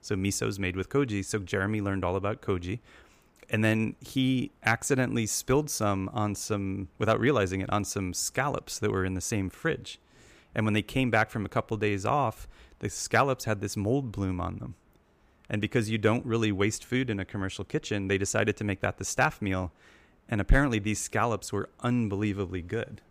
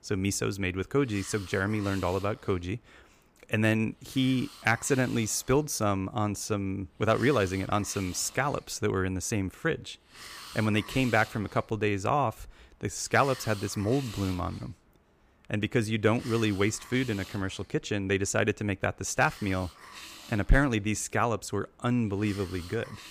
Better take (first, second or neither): first